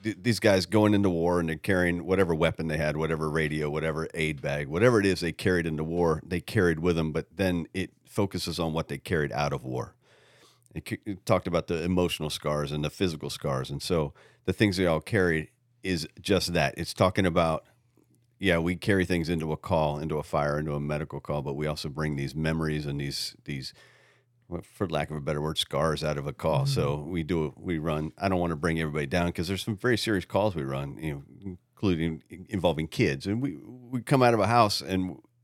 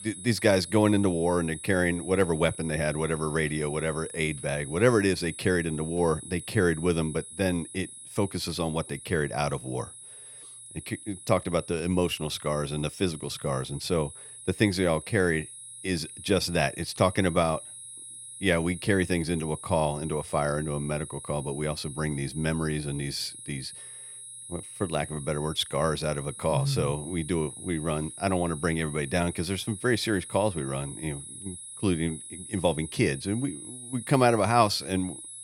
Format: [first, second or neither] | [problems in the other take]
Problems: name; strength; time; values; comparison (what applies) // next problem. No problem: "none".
first | high-pitched whine; noticeable; throughout; 10.5 kHz, 10 dB below the speech